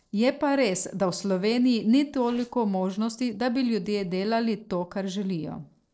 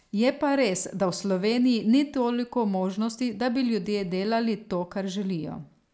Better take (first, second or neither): second